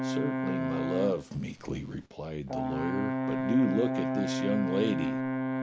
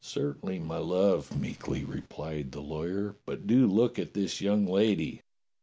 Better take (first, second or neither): second